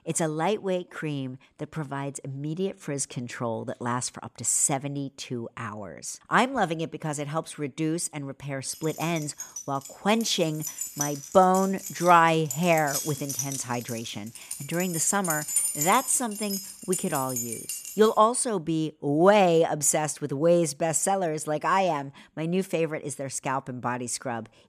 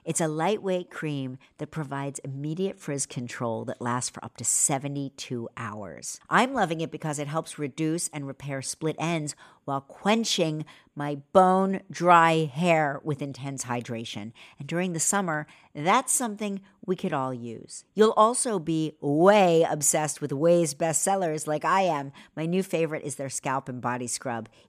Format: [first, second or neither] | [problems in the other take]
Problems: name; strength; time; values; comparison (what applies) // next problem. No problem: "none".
second | jangling keys; loud; from 9 to 18 s; peak 3 dB above the speech